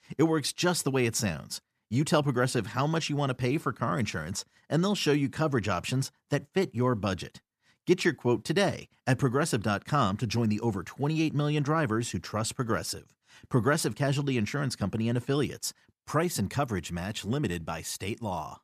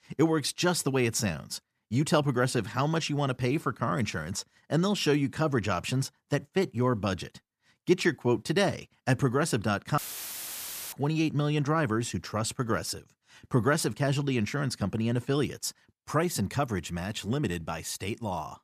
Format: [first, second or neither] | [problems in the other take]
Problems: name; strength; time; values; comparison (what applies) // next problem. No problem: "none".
first | audio cutting out; filled with static; at 10 s for 1 s